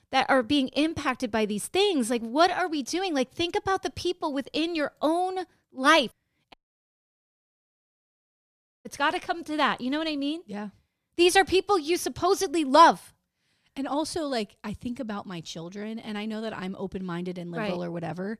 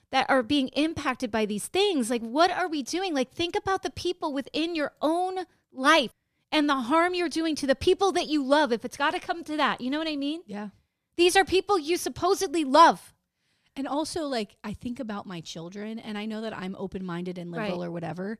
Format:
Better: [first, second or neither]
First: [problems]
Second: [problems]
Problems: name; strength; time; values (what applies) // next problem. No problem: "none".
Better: second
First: audio cutting out; at 6.5 s for 2.5 s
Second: none